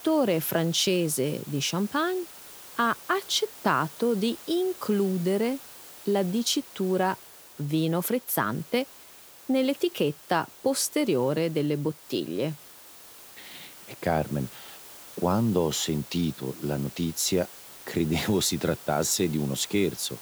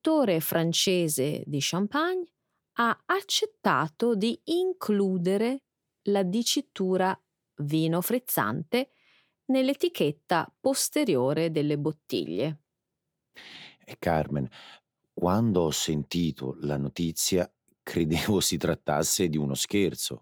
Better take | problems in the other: second | hiss; noticeable; throughout; 15 dB below the speech

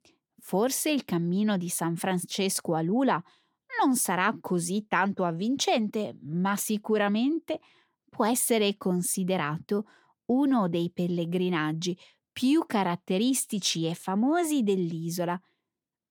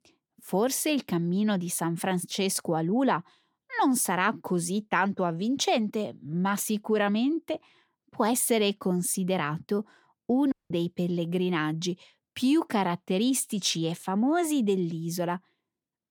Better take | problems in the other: first | audio cutting out; at 11 s

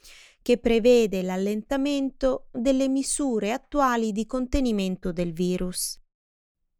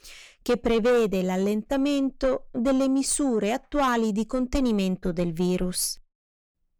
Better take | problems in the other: first | distortion; slight; 10 dB below the speech

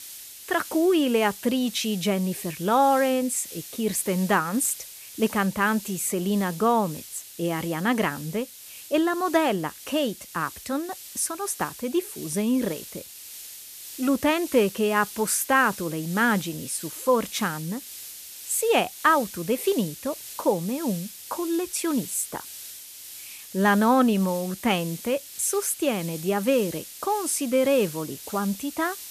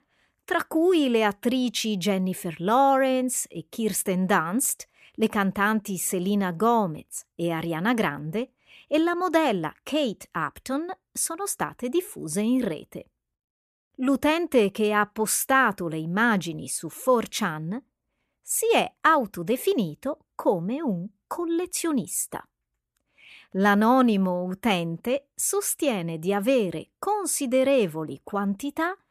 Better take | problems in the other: second | hiss; noticeable; throughout; 15 dB below the speech

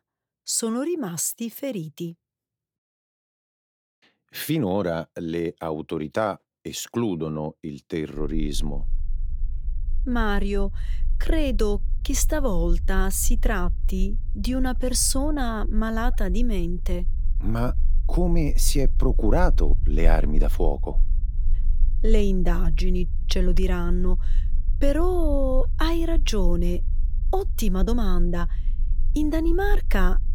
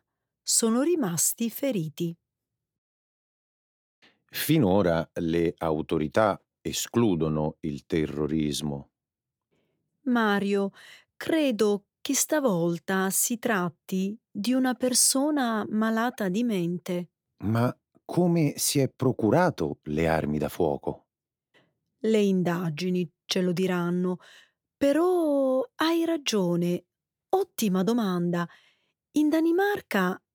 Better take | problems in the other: second | low rumble; faint; from 8 s on; 25 dB below the speech

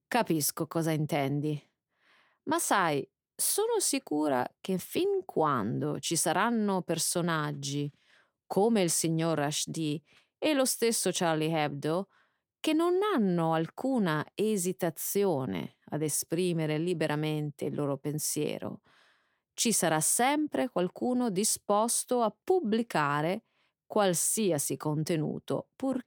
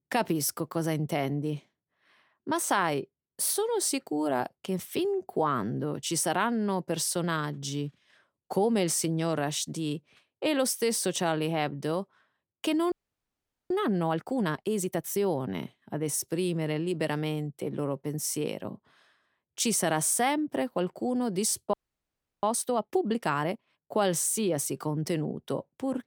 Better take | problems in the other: first | audio freezing; at 13 s for 1 s and at 22 s for 0.5 s

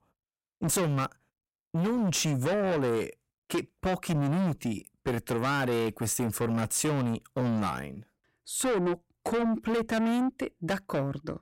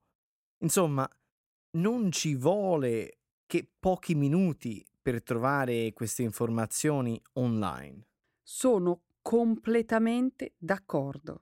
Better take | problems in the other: second | distortion; heavy; 6 dB below the speech

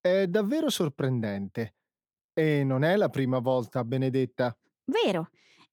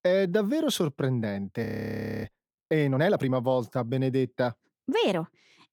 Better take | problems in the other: first | audio freezing; at 1.5 s for 0.5 s

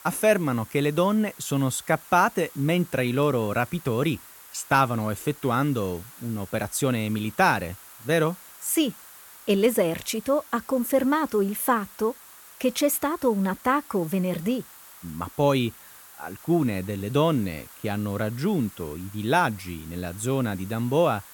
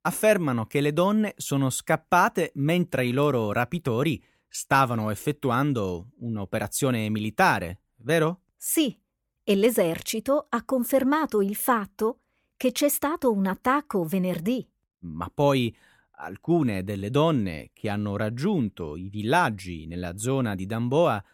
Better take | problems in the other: second | hiss; noticeable; throughout; 20 dB below the speech

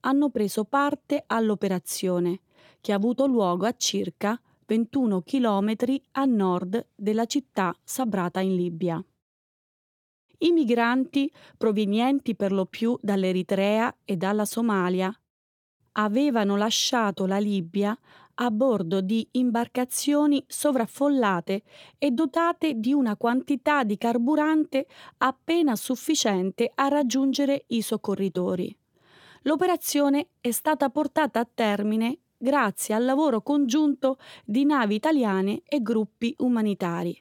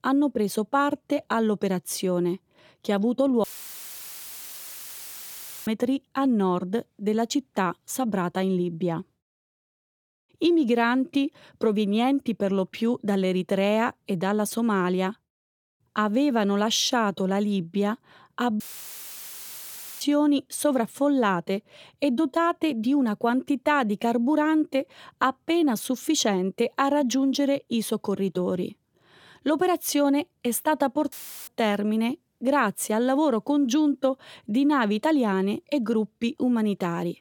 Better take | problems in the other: first | audio cutting out; filled with static; at 3.5 s for 2 s, at 19 s for 1.5 s and at 31 s

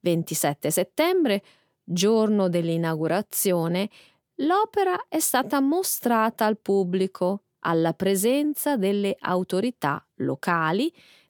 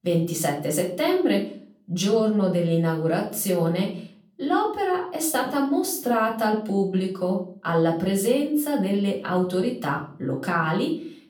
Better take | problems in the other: first | off-mic speech; far // room echo; slight; dies away in 0.4 s

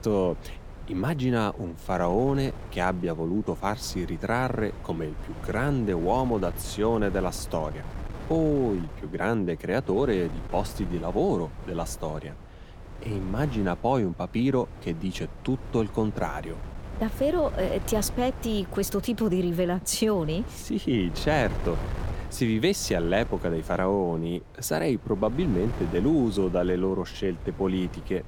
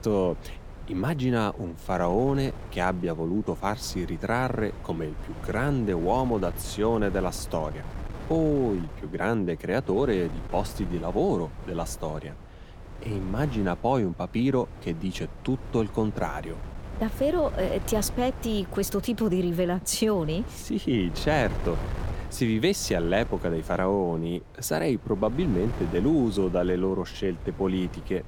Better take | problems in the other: neither | wind noise on the microphone; occasional gusts; 15 dB below the speech; the same in both

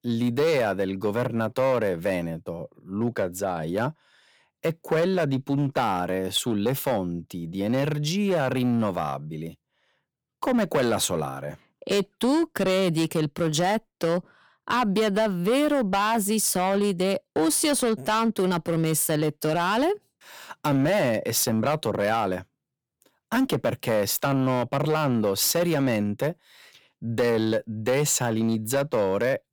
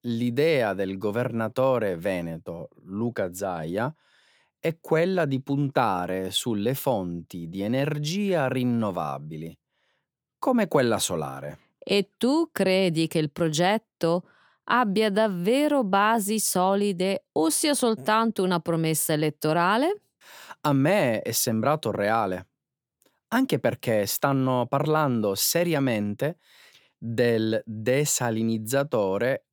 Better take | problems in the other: second | distortion; slight; 8% of the sound clipped

